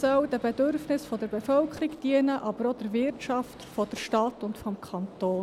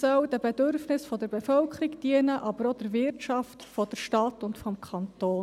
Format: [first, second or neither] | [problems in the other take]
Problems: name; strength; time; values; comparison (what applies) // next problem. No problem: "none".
second | background sound (Gunshot, gunfire); 20 dB below the speech